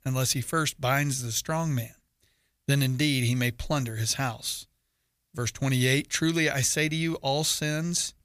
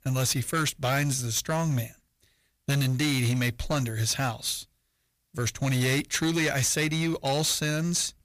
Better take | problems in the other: first | distortion; slight; 11% of the sound clipped

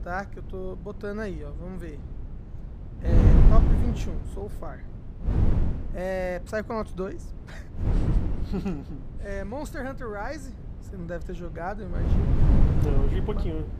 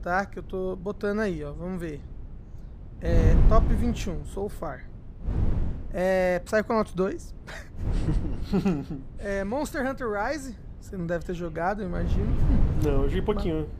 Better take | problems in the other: second | wind noise on the microphone; heavy; 1 dB below the speech; occasional gusts in the second

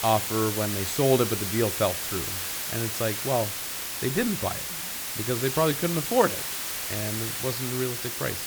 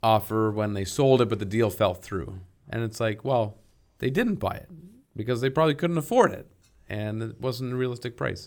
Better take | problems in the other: second | hiss; loud; throughout; 1 dB below the speech

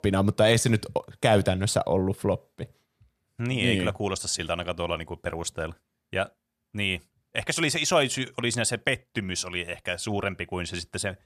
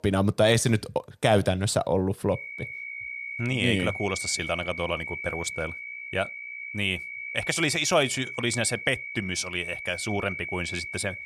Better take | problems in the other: first | high-pitched whine; loud; from 2.5 s on; 2.5 kHz, 7 dB below the speech

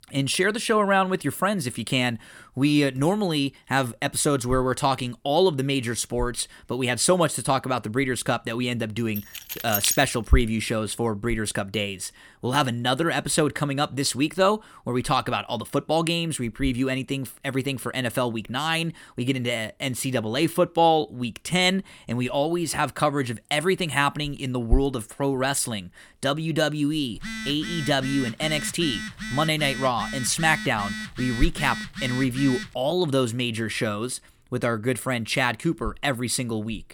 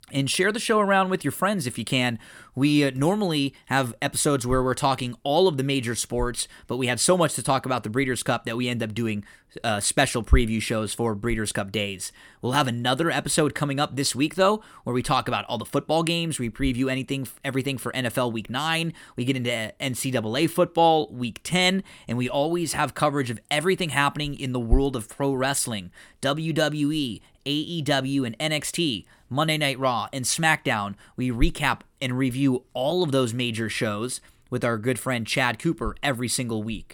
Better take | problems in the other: second | jangling keys; loud; at 9 s; peak level with the speech // phone ringing; noticeable; from 27 to 33 s; peak 8 dB below the speech

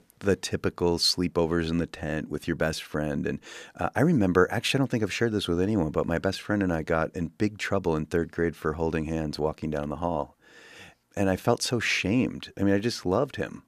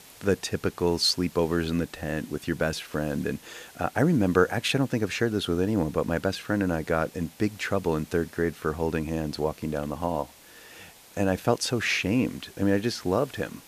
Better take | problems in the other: first | hiss; faint; throughout; 20 dB below the speech

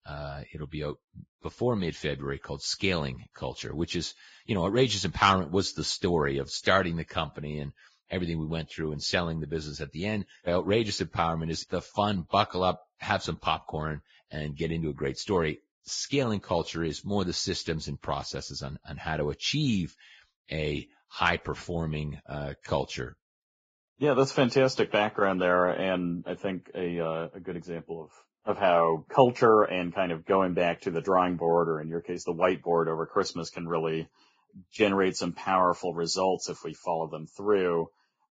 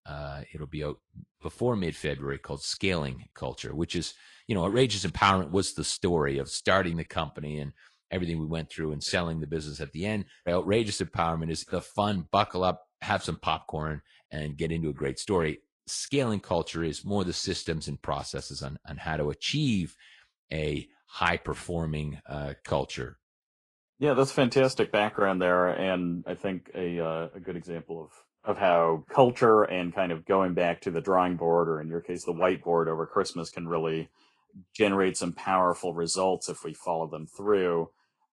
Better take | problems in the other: second | garbled, watery; badly; nothing above 7.5 kHz; slightly in the second

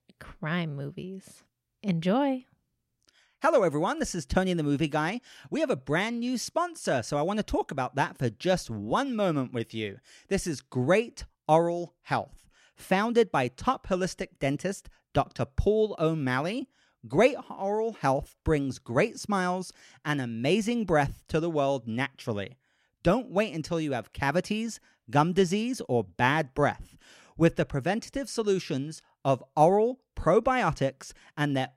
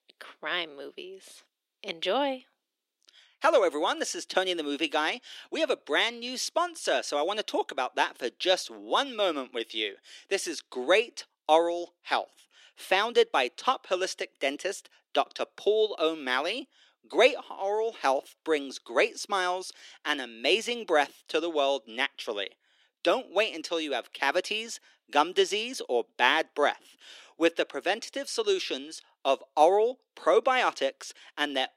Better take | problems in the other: first | thin; somewhat; fading below 350 Hz

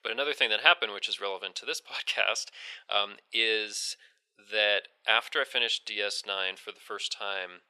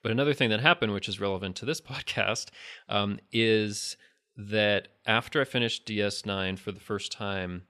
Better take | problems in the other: second | thin; very; fading below 550 Hz

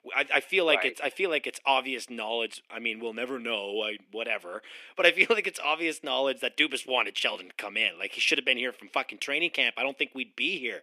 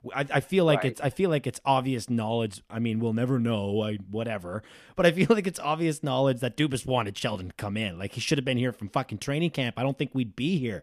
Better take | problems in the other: second | thin; somewhat; fading below 300 Hz

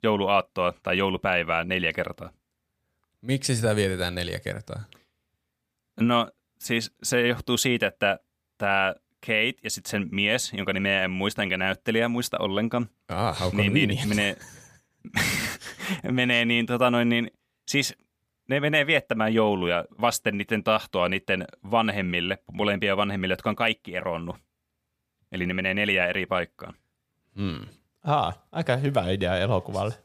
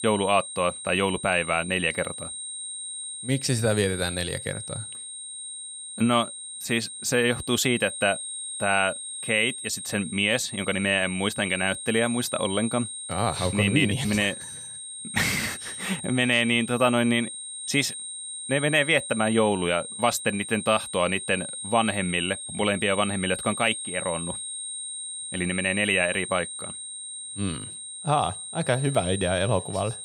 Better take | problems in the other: first | high-pitched whine; loud; throughout; 8.5 kHz, 8 dB below the speech

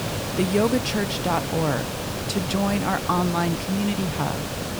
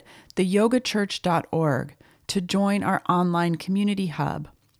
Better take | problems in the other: second | hiss; loud; throughout; 3 dB below the speech

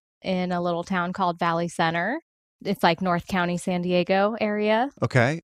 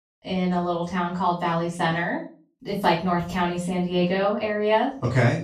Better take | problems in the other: first | room echo; slight; dies away in 0.3 s // off-mic speech; far

